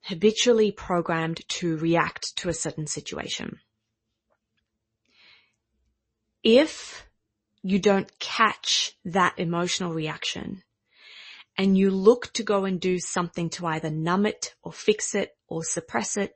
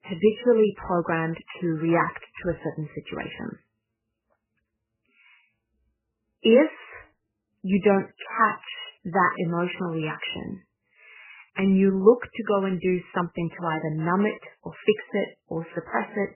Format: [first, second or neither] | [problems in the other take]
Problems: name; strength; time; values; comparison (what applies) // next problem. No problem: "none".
first | garbled, watery; badly; nothing above 3 kHz; slightly in the first